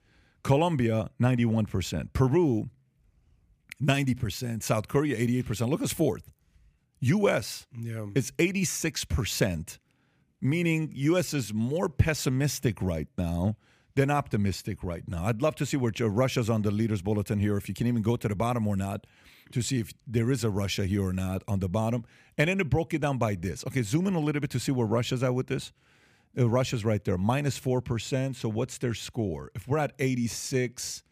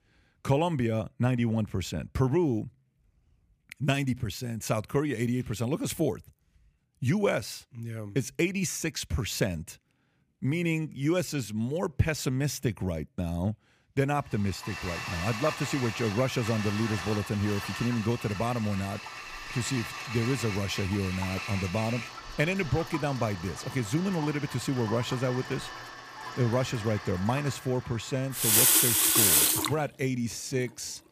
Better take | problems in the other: first | household noises; very loud; from 15 s on; 2 dB above the speech

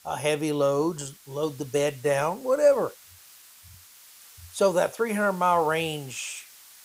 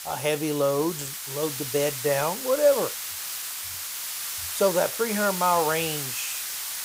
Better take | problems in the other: first | hiss; loud; throughout; 5 dB below the speech; faint in the first

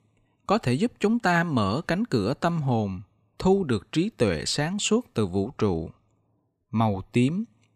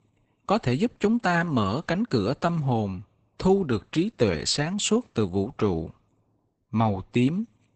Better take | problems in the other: first | garbled, watery; badly; nothing above 8 kHz

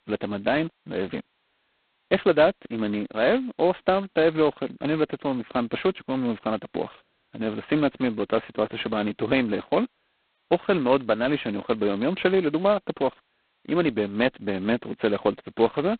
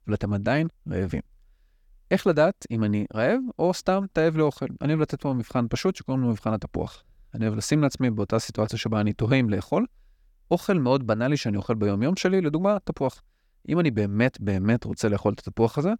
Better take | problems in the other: second | phone-call audio; poor line; nothing above 4 kHz

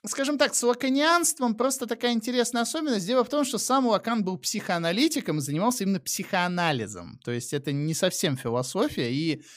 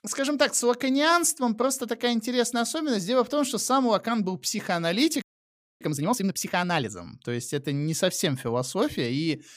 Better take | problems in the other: first | audio freezing; at 5 s for 0.5 s

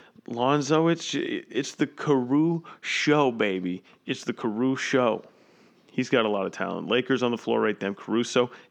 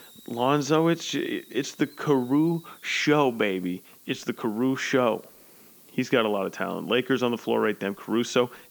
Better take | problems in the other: first | hiss; faint; throughout; 25 dB below the speech

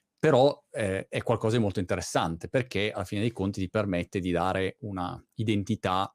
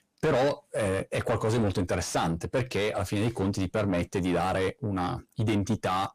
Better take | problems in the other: first | distortion; heavy; 6 dB below the speech

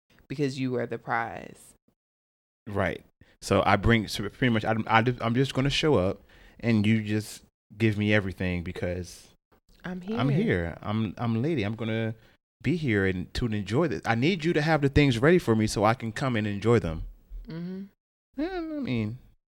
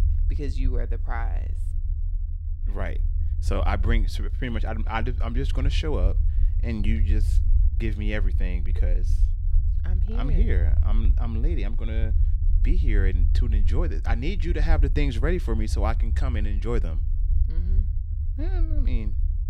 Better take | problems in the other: first | low rumble; noticeable; throughout; 10 dB below the speech

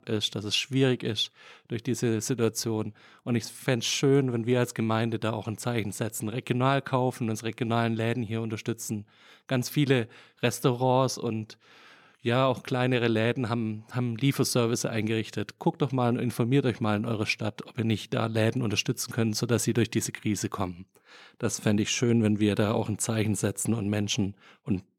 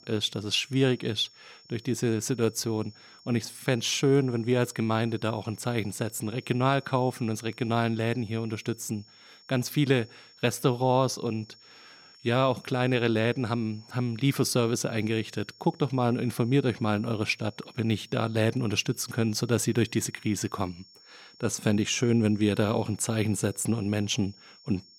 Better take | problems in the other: first | high-pitched whine; faint; throughout; 5.5 kHz, 25 dB below the speech

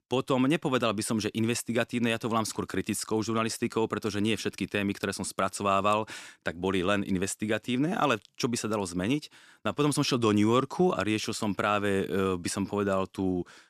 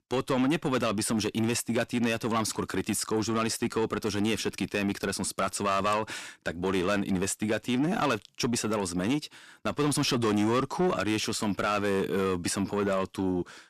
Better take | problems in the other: first | distortion; slight; 10 dB below the speech

